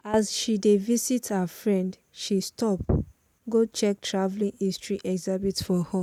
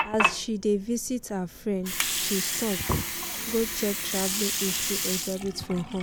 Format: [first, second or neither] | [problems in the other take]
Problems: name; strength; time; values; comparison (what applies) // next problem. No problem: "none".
first | background sound (Water); 1 dB below the speech